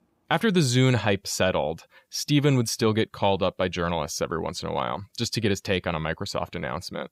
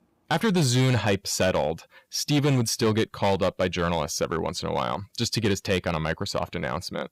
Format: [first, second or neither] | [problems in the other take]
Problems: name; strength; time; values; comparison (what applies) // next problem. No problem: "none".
first | distortion; slight; 6% of the sound clipped